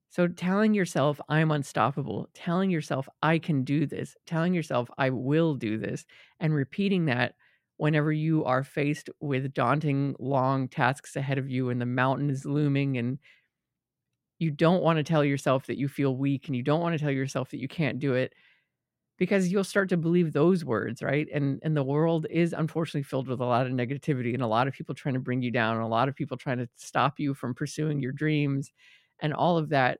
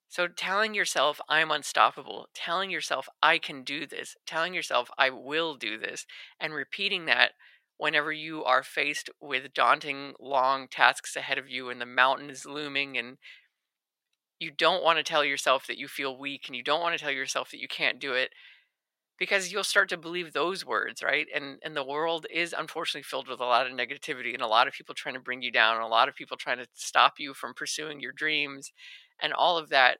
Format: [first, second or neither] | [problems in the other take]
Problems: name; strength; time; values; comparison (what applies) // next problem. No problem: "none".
first | thin; very; fading below 850 Hz